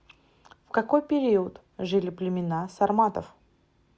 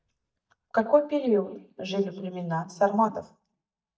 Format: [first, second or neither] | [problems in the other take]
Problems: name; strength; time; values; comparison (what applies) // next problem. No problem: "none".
first | noise reduction (neural mask model DeepFilterNet 3)